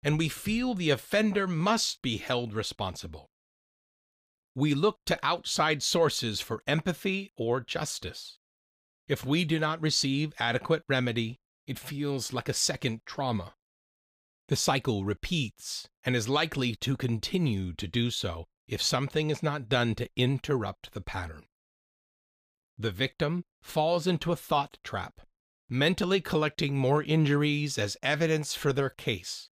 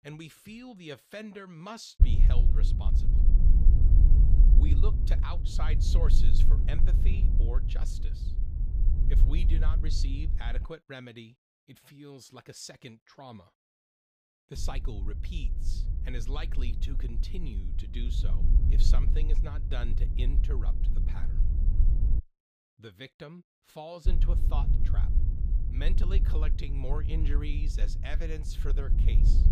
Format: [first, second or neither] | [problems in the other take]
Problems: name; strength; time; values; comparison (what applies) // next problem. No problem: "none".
first | wind noise on the microphone; heavy; from 2 to 11 s, from 15 to 22 s and from 24 s on; 4 dB below the speech